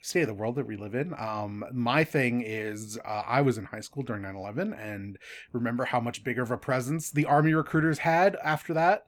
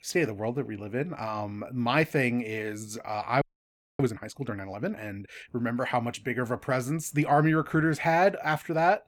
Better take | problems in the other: first | audio freezing; at 3.5 s for 0.5 s

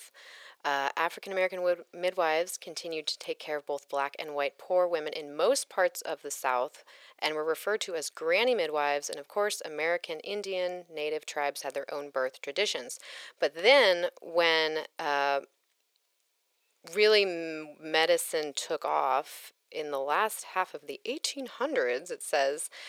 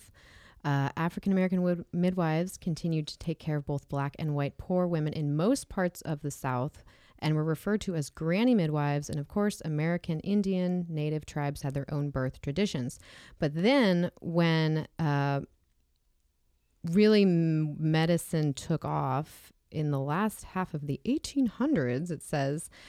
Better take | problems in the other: second | thin; very; fading below 500 Hz

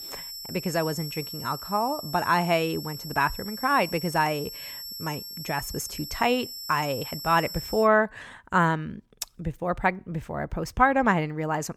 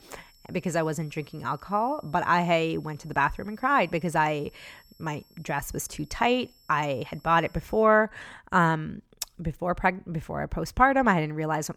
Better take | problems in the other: second | high-pitched whine; loud; until 8 s; 5.5 kHz, 9 dB below the speech; faint in the second

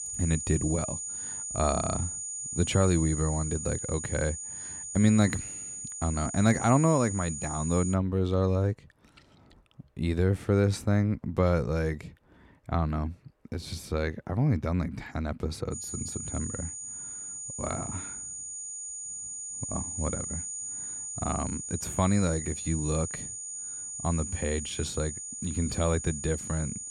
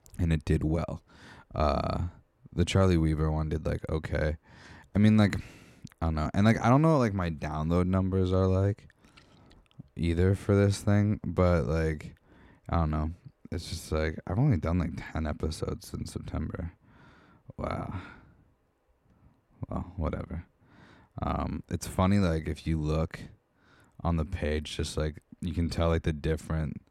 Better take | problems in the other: second | high-pitched whine; loud; until 8 s and from 16 s on; 7 kHz, 6 dB below the speech

